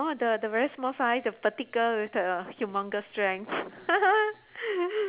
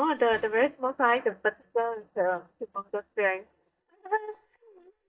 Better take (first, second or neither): first